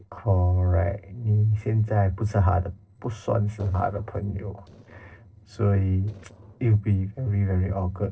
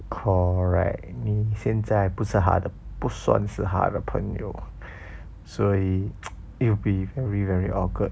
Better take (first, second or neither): second